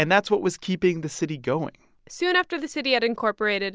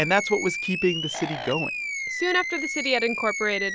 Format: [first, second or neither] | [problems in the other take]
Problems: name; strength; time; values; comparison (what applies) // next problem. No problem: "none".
first | background sound (Animal); 4 dB below the speech